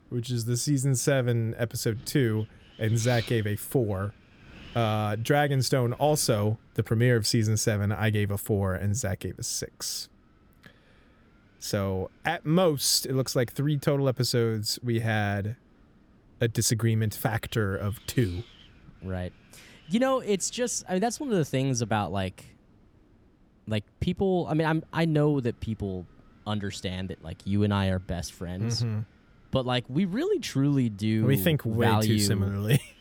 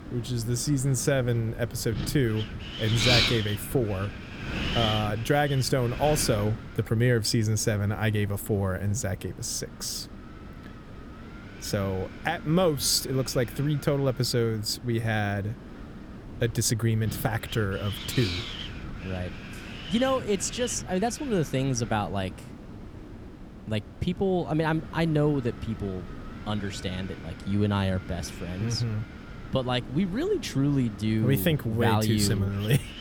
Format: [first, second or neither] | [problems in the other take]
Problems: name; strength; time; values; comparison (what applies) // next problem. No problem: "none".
first | wind noise on the microphone; heavy; 6 dB below the speech; occasional gusts in the first